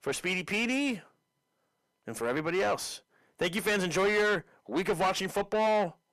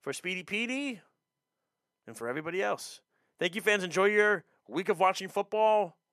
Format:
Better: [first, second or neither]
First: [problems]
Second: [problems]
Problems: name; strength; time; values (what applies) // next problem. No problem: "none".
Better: second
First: distortion; heavy; 6 dB below the speech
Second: none